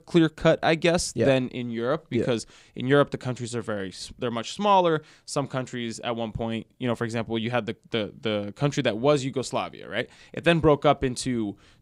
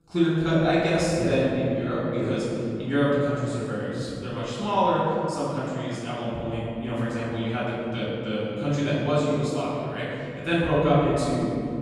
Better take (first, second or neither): first